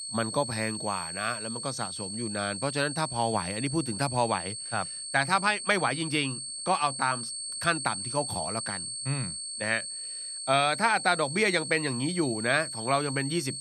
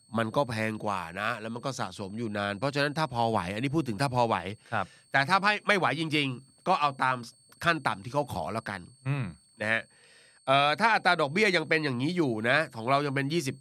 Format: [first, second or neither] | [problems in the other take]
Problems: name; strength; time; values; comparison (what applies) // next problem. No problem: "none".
second | high-pitched whine; loud; throughout; 8.5 kHz, 5 dB below the speech; faint in the second